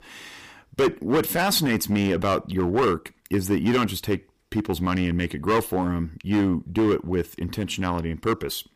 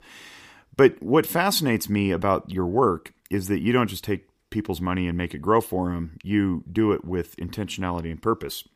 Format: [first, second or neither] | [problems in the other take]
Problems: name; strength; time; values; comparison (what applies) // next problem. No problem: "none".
second | distortion; heavy; 8% of the sound clipped